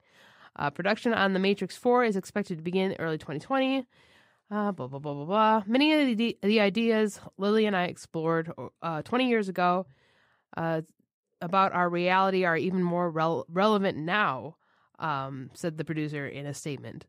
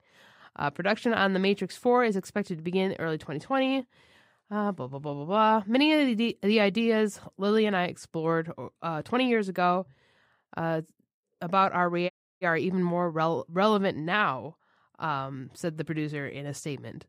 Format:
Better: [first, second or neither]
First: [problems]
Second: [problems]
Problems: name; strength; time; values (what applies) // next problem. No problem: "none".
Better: first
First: none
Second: audio cutting out; at 12 s